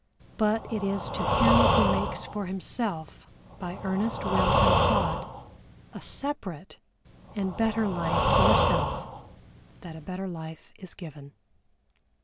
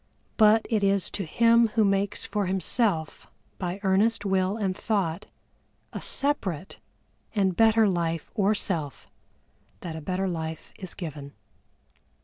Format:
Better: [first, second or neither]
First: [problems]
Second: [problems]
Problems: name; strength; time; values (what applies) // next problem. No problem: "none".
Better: second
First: background sound (Breathing); 4 dB above the speech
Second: none